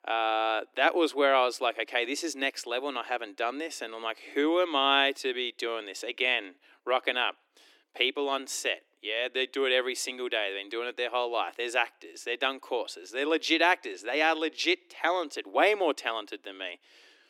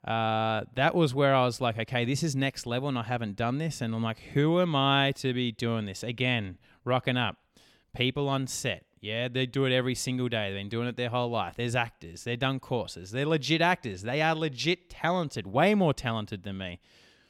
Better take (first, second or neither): second